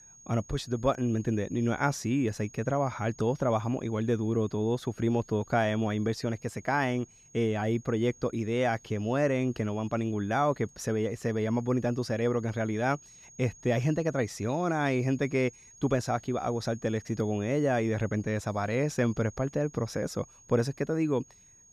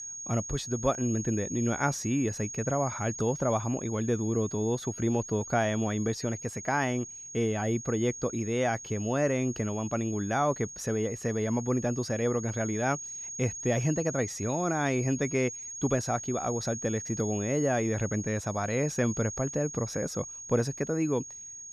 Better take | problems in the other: first | high-pitched whine; loud; throughout; 6.5 kHz, 8 dB below the speech; faint in the first

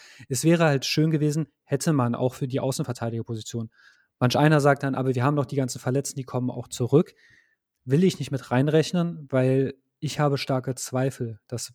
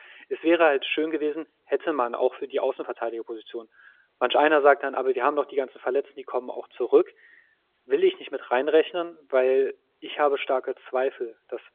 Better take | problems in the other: first | phone-call audio; nothing above 3.5 kHz

